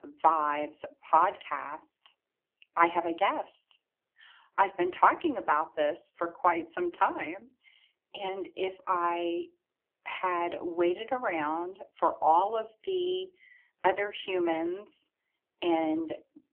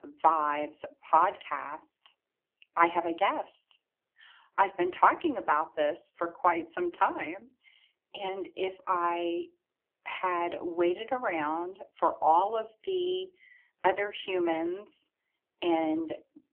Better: neither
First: phone-call audio; poor line; nothing above 3 kHz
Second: phone-call audio; poor line; nothing above 3 kHz

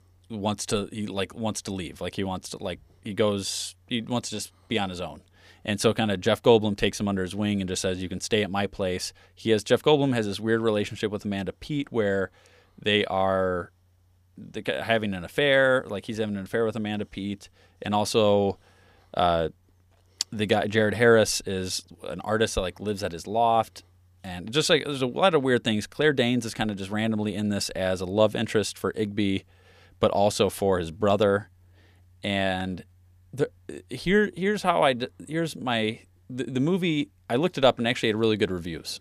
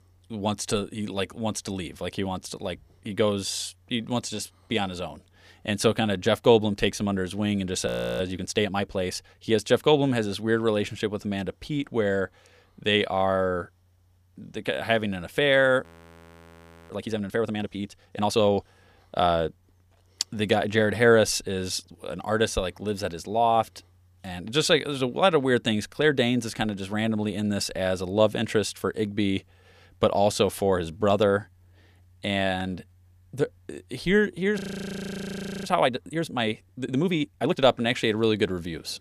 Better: first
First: none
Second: audio freezing; at 8 s, at 16 s for 1 s and at 35 s for 1 s

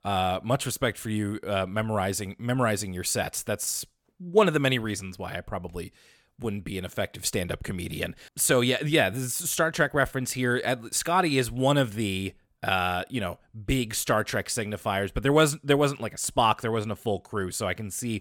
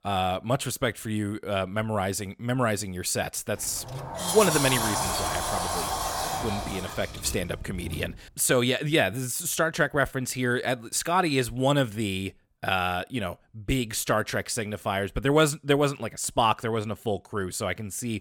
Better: first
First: none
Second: door banging; loud; from 3.5 to 8 s; peak 2 dB above the speech

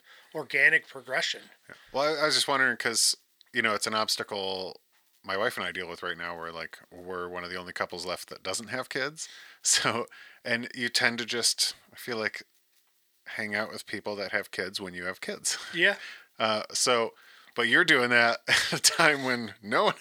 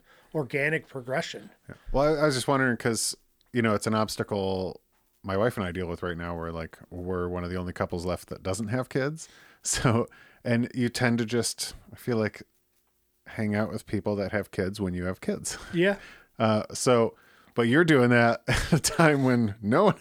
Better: second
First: thin; somewhat; fading below 1 kHz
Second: none

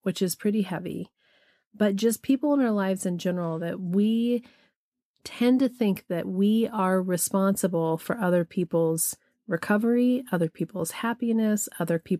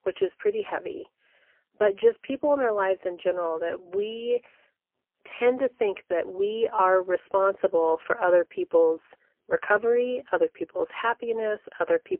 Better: first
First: none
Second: phone-call audio; poor line; nothing above 3 kHz

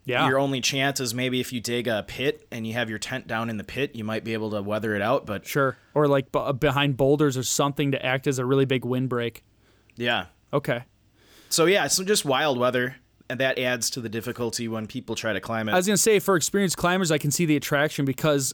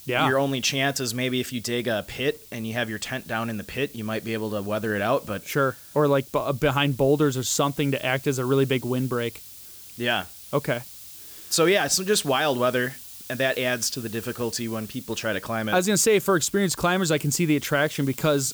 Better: first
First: none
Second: hiss; noticeable; throughout; 15 dB below the speech

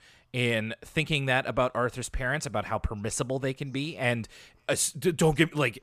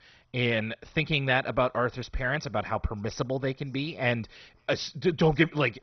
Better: first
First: none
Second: garbled, watery; badly; nothing above 6 kHz

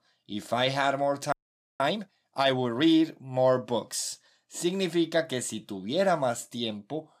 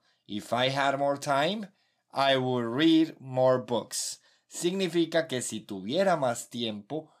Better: second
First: audio freezing; at 1.5 s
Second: none

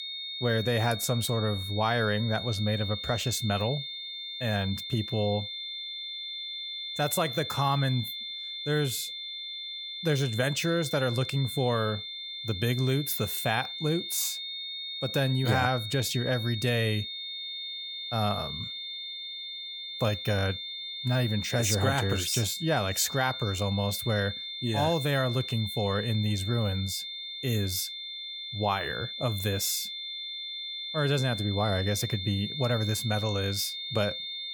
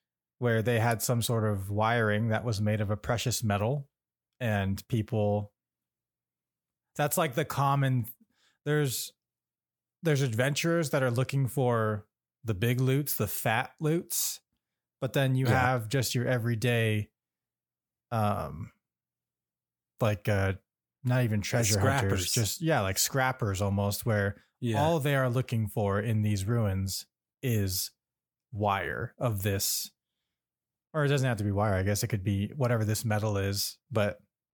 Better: second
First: high-pitched whine; loud; throughout; 3.5 kHz, 6 dB below the speech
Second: none

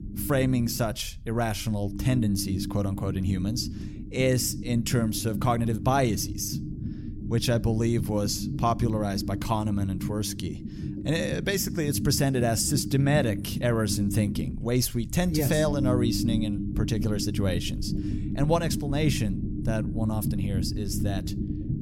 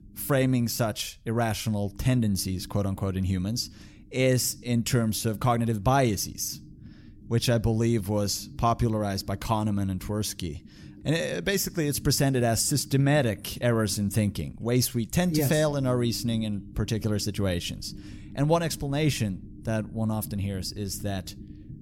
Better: second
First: low rumble; loud; throughout; 10 dB below the speech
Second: low rumble; faint; throughout; 25 dB below the speech

